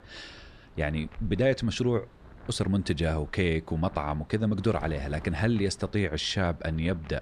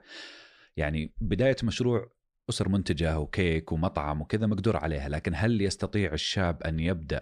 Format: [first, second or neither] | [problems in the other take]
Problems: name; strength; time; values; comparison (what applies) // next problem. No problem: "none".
second | wind noise on the microphone; occasional gusts; 20 dB below the speech